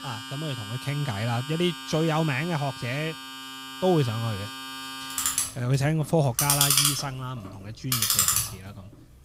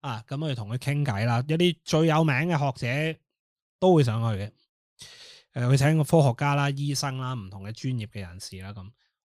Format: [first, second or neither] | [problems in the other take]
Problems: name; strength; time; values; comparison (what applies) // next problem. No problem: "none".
second | household noises; very loud; throughout; 1 dB above the speech